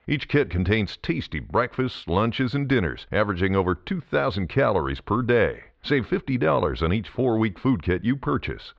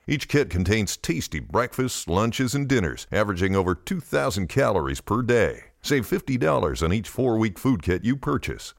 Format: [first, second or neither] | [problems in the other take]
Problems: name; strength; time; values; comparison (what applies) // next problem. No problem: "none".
second | muffled; slightly; fading above 4 kHz